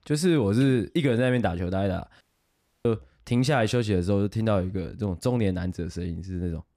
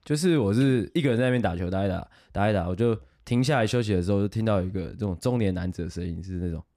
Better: second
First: audio cutting out; at 2 s for 0.5 s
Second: none

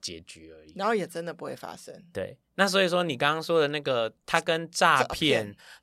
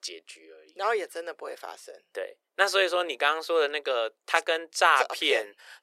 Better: first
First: none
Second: thin; very; fading below 350 Hz

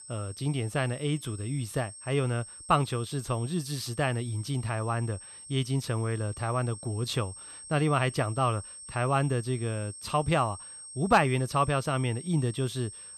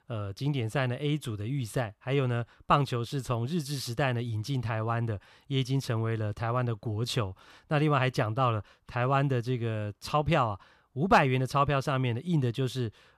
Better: second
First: high-pitched whine; noticeable; throughout; 8.5 kHz, 15 dB below the speech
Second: none

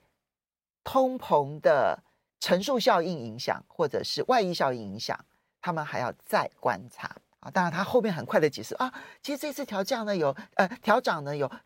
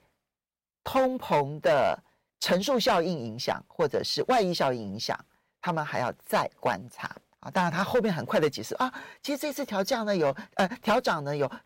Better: first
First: none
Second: distortion; slight; 4% of the sound clipped

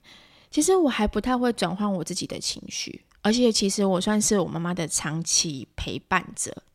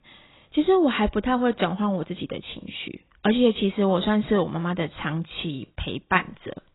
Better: first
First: none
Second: garbled, watery; badly; nothing above 4 kHz

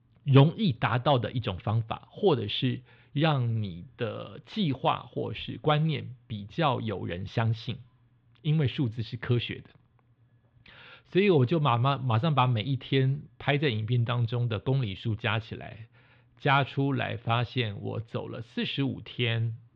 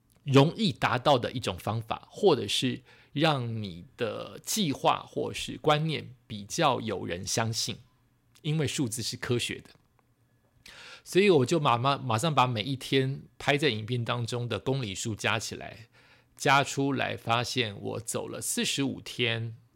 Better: second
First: muffled; very; fading above 3.5 kHz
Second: none

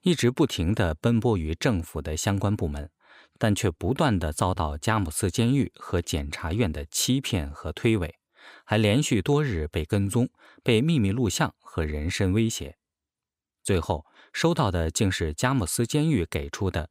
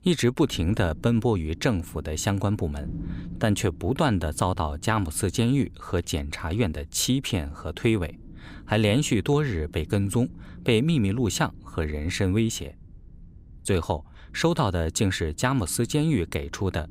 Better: first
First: none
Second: wind noise on the microphone; occasional gusts; 25 dB below the speech

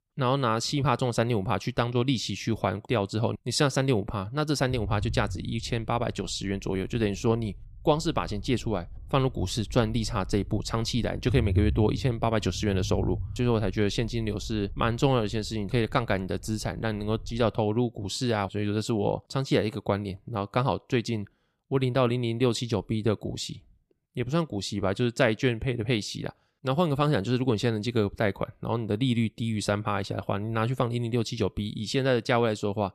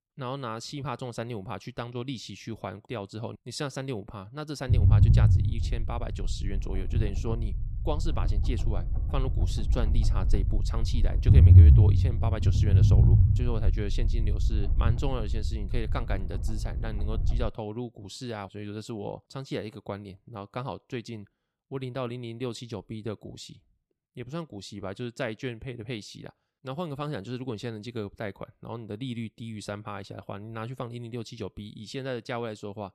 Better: first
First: low rumble; faint; from 4.5 to 17 s; 25 dB below the speech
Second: low rumble; loud; from 4.5 to 17 s; 1 dB below the speech

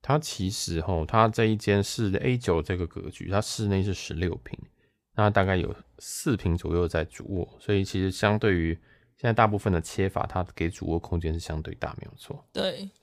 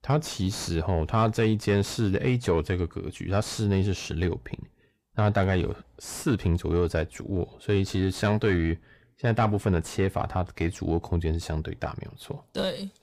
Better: first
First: none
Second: distortion; slight; 10 dB below the speech

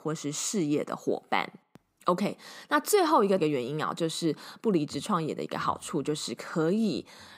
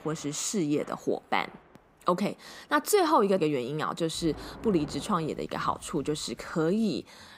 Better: first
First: none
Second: rain or running water; faint; throughout; 20 dB below the speech

